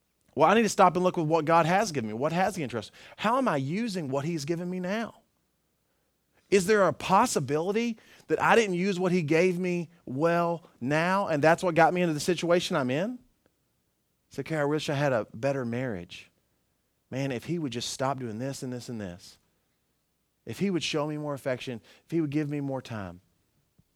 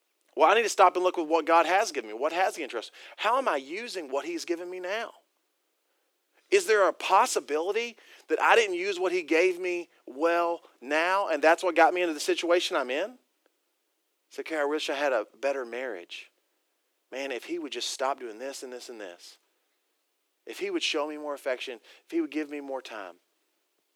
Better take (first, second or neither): first